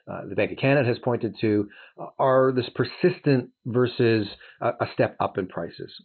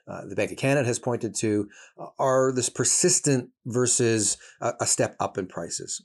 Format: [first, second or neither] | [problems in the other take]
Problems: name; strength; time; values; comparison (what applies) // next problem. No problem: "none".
second | garbled, watery; badly; nothing above 4 kHz